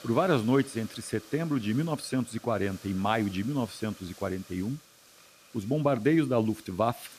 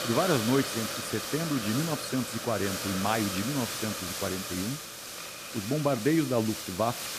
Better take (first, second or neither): first